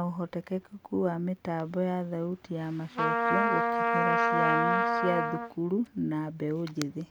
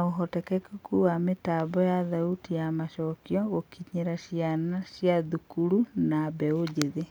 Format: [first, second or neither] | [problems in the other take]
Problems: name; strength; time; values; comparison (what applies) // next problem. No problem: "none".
second | background sound (Trumpet); 1 dB above the speech